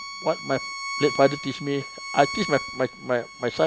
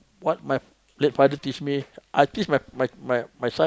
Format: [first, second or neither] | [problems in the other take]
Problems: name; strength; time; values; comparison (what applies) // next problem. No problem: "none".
second | background sound (Bowed string instrument); 9 dB below the speech